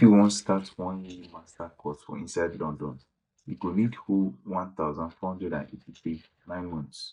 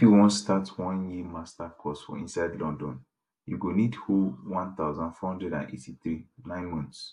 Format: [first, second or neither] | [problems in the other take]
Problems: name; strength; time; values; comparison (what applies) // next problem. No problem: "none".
second | noise reduction (neural mask model DeepFilterNet 3)